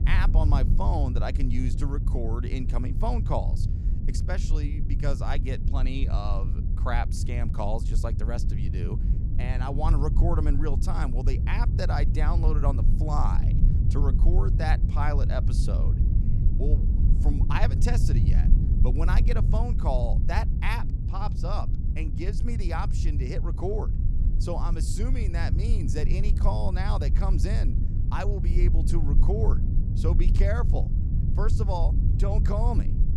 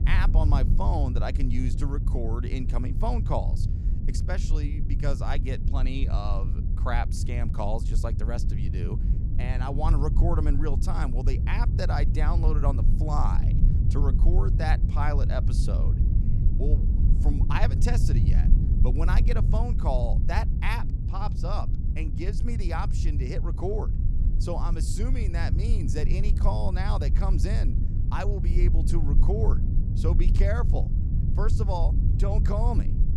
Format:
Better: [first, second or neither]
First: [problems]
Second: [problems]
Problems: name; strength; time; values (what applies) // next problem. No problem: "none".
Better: neither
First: low rumble; loud; throughout; 7 dB below the speech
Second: low rumble; loud; throughout; 7 dB below the speech